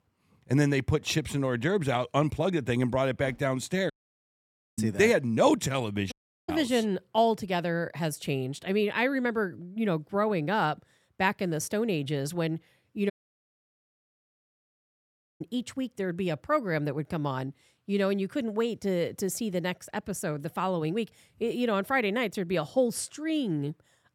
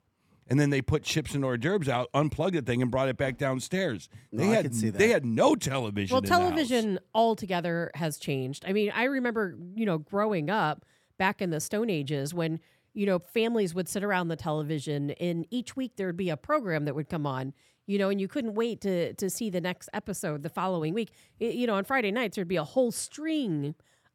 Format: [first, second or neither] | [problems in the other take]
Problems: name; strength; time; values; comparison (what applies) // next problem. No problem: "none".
second | audio cutting out; at 4 s for 1 s, at 6 s and at 13 s for 2.5 s